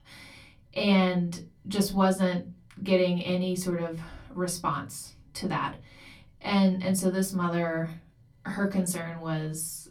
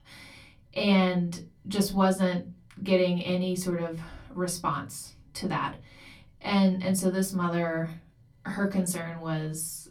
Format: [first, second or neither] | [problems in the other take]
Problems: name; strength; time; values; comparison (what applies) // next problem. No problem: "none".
neither | off-mic speech; far; the same in both // room echo; very slight; dies away in 0.3 s; the same in both